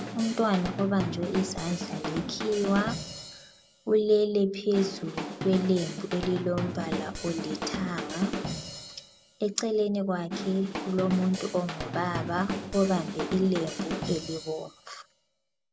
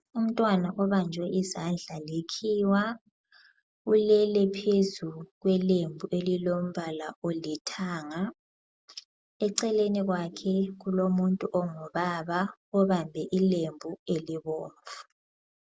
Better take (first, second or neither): second